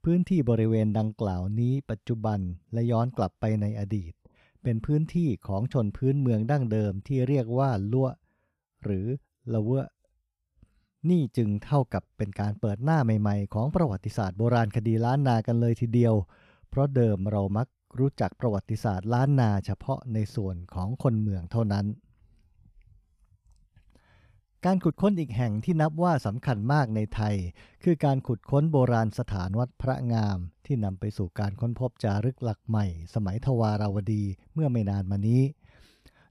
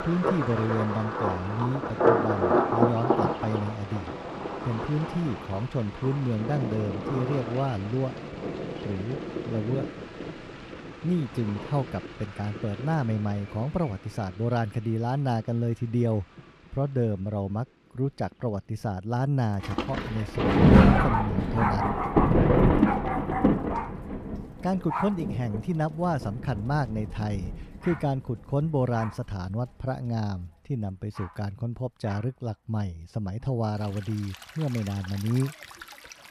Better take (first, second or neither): first